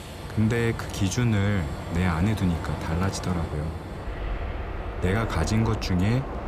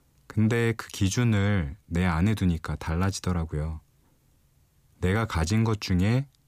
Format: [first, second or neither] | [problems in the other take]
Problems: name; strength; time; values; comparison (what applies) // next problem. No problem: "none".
second | train or aircraft noise; loud; throughout; 7 dB below the speech